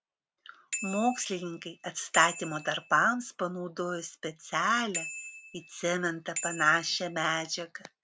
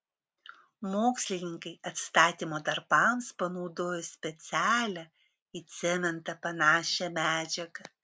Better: second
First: background sound (Bicycle bell); 10 dB below the speech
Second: none

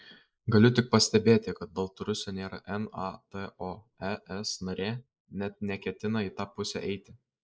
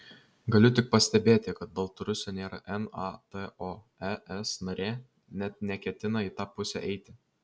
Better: second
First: noise reduction (neural mask model Resemble Enhance denoiser)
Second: none

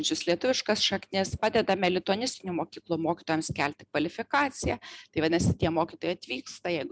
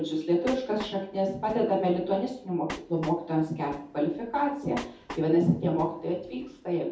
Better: first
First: none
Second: background sound (Train); 17 dB below the speech // room echo; dies away in 0.6 s

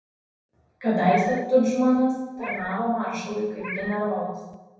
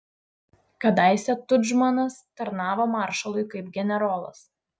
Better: second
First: background sound (Meow); 14 dB below the speech // room echo; dies away in 1.1 s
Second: none

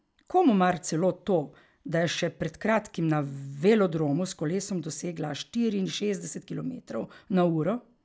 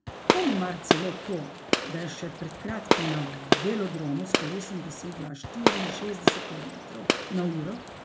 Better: first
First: none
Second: background sound (Gunshot, gunfire); 4 dB above the speech // room echo; dies away in 0.3 s

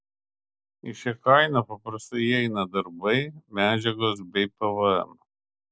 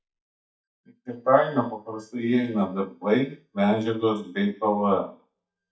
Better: first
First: none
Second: noise reduction (neural mask model DeepFilterNet 3)

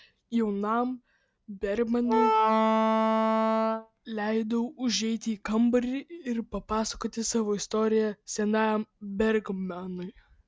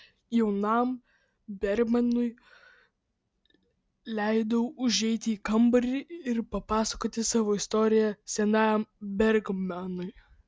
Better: second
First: background sound (Wind instrument, woodwind instrument); 4 dB above the speech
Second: none

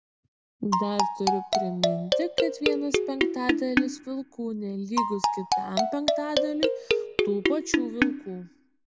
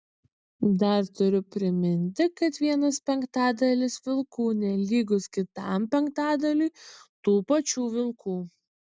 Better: second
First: background sound (Marimba, xylophone); 4 dB above the speech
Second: none

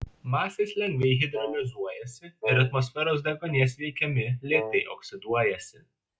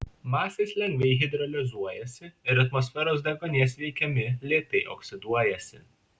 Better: second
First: noise reduction (classical method log-MMSE)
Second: none

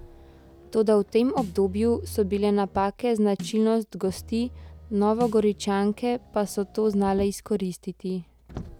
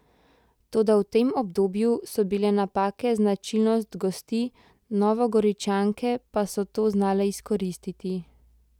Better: second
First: background sound (Motor vehicle (road) + Snare drum); 17 dB below the speech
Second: none

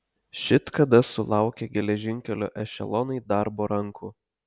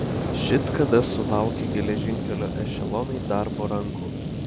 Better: first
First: none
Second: background sound (Fire); 1 dB below the speech

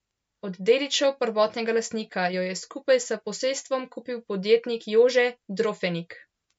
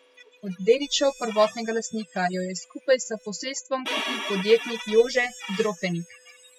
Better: first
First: none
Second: noise reduction (classical method spectral subtraction)

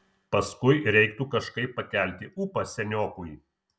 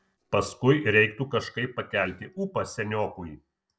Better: first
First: none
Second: noise reduction (neural separator model SepFormer DNS4)

